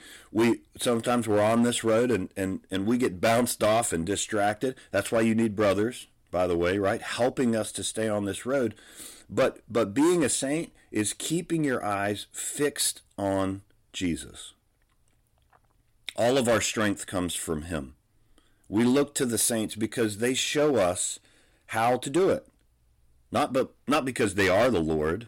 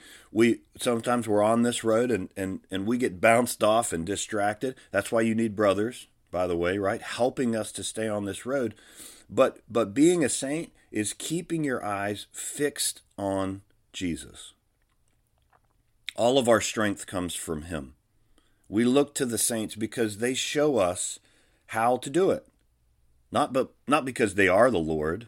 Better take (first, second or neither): second